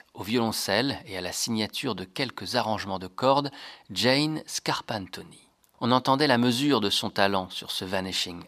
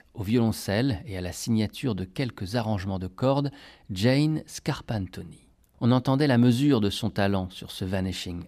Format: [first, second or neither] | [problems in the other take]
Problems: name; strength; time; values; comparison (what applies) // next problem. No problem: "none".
second | thin; somewhat; fading below 550 Hz